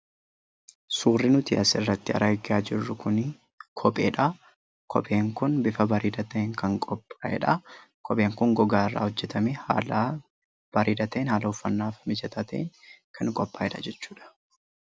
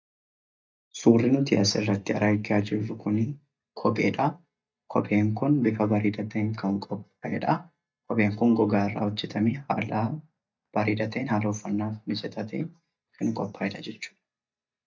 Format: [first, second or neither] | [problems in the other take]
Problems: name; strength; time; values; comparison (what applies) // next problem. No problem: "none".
first | noise reduction (neural mask model DeepFilterNet 3)